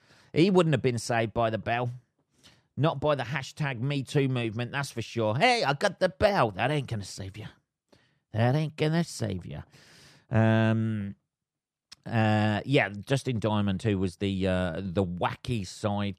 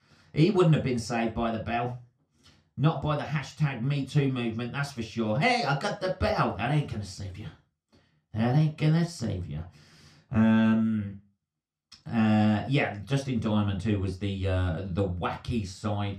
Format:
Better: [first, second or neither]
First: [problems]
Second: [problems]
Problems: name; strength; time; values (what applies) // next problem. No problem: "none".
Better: first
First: none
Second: room echo; very slight; dies away in 0.3 s // off-mic speech; somewhat distant